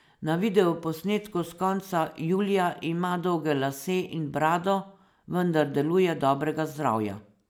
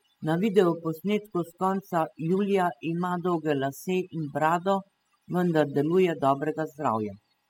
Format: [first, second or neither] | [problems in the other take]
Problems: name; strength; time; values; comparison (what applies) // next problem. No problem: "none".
first | noise reduction (classical method spectral subtraction)